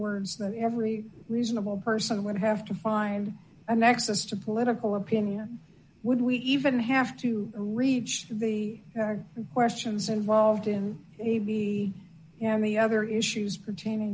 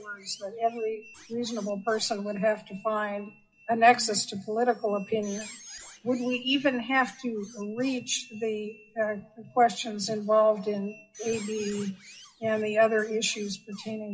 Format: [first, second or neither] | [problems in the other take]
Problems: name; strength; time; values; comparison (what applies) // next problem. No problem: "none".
first | noise reduction (classical method WPE with log-MMSE)